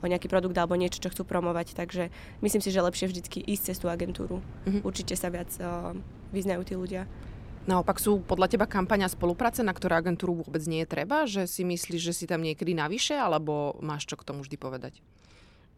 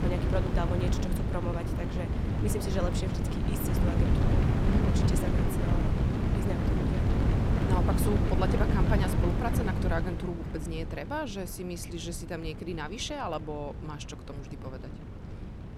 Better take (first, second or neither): first